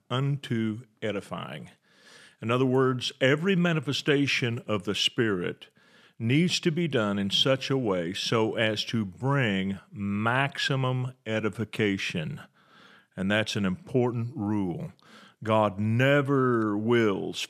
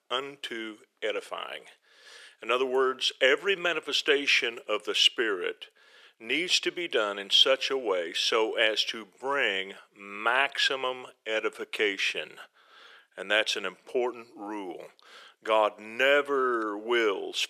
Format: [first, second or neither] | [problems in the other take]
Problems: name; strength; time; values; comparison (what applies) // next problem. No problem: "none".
first | thin; very; fading below 400 Hz